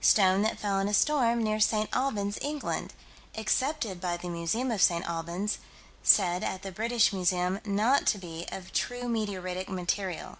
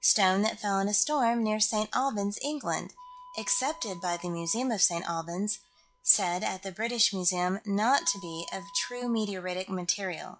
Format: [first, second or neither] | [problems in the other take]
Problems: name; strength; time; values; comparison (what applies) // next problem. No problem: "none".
first | noise reduction (classical method log-MMSE)